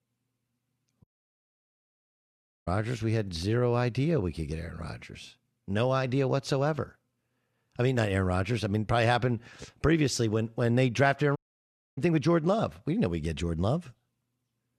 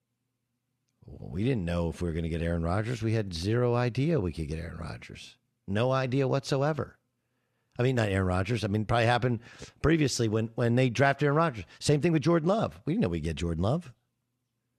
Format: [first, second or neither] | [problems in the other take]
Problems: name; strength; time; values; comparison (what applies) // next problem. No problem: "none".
second | audio cutting out; at 1 s for 1.5 s and at 11 s for 0.5 s